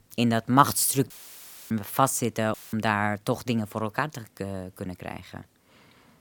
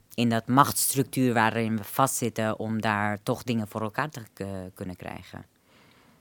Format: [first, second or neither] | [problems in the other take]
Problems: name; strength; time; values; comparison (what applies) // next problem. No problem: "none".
second | audio cutting out; filled with static; at 1 s for 0.5 s and at 2.5 s